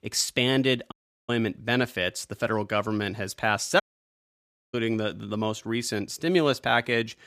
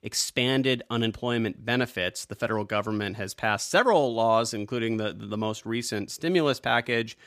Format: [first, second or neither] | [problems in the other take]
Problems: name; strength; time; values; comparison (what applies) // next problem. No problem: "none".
second | audio cutting out; at 1 s and at 4 s for 1 s